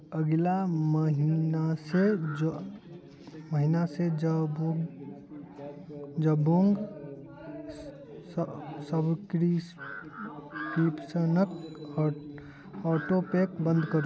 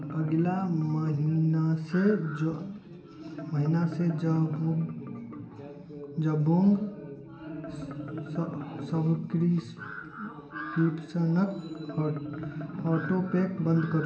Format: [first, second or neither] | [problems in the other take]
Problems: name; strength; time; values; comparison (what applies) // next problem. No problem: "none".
first | background sound (Marimba, xylophone); 12 dB below the speech // room echo; dies away in 0.8 s